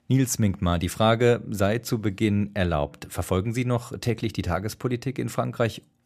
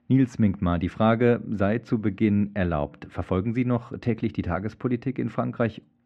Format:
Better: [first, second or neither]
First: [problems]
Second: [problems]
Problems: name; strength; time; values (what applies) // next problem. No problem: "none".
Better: first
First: none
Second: muffled; very; fading above 2 kHz